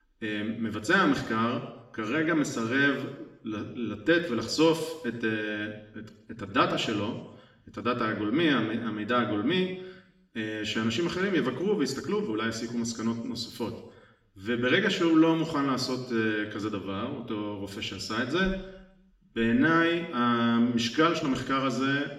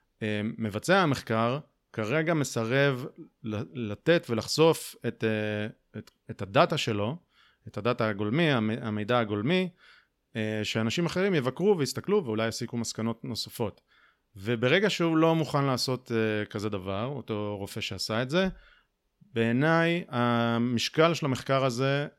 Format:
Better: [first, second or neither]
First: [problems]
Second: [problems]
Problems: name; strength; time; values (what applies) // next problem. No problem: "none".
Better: second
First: room echo; slight; dies away in 0.8 s // off-mic speech; far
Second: none